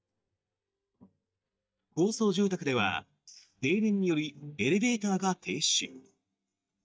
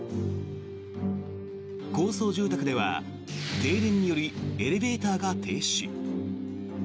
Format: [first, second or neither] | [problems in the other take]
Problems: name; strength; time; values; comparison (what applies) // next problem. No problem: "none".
second | noise reduction (neural mask model DeepFilterNet 3)